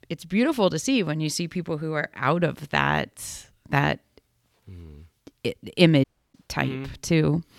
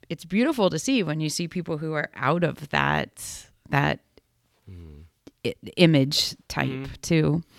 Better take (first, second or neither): second